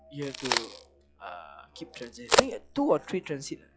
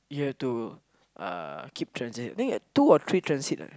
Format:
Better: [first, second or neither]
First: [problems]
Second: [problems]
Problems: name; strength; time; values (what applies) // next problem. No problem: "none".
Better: second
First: noise reduction (classical method log-MMSE)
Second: none